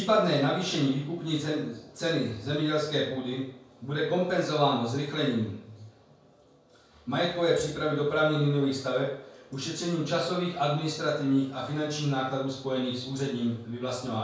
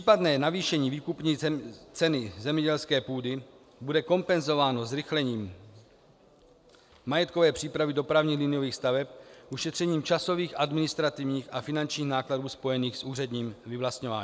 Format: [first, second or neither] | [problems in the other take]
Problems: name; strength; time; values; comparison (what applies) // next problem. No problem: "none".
second | room echo; dies away in 0.5 s